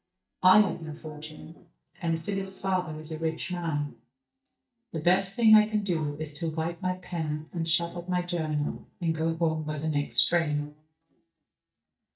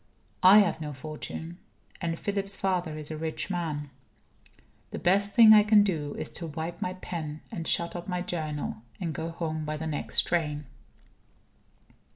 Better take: second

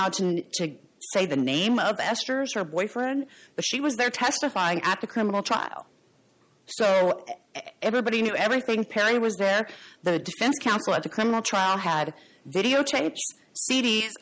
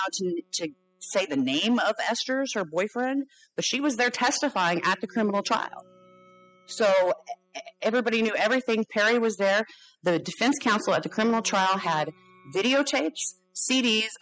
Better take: first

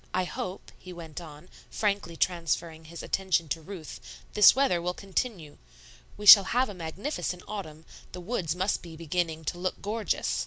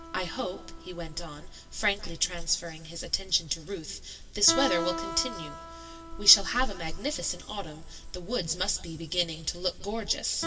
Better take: first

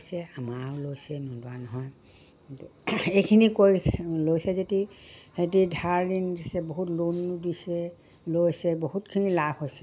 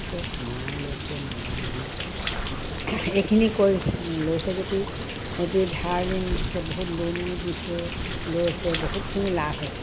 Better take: first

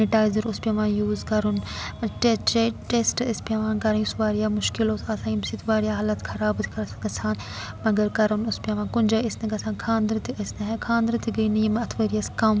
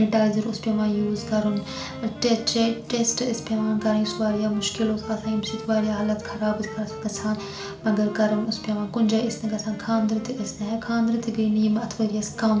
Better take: first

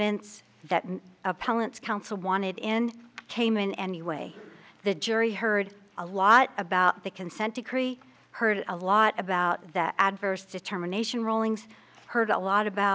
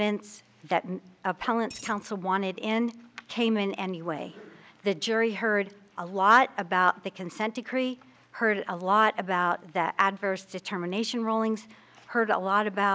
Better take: first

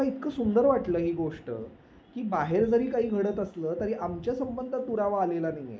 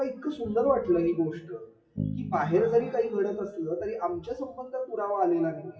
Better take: first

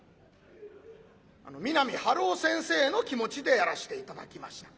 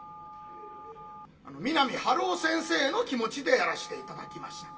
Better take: first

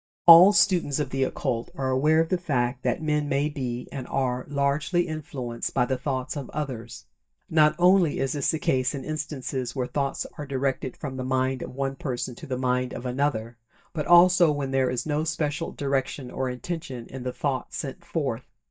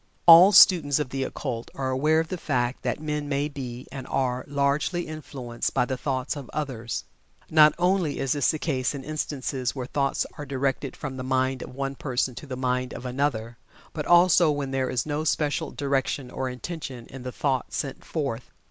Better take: second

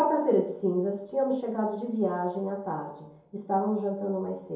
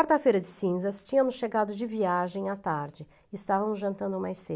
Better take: second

